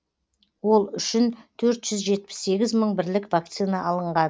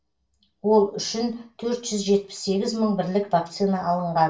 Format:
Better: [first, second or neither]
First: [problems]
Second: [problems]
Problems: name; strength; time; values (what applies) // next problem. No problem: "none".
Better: first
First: none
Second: room echo; dies away in 0.3 s